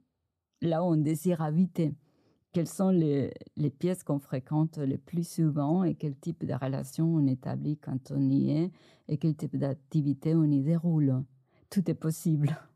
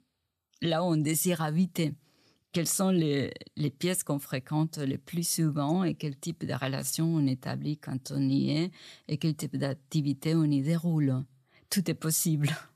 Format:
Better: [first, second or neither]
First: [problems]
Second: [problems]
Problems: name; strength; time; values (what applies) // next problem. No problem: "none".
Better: second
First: muffled; slightly; fading above 1.5 kHz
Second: none